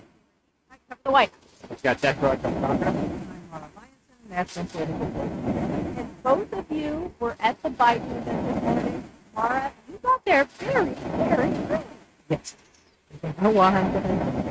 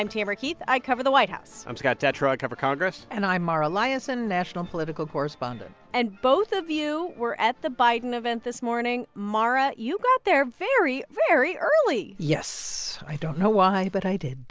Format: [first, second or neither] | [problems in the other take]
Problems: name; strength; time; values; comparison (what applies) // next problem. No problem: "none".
second | noise reduction (neural mask model RNNoise)